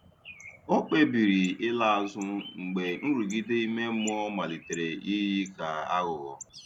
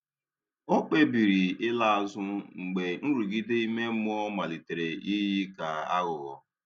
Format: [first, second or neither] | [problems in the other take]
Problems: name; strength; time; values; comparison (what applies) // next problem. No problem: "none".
second | background sound (Bird); 19 dB below the speech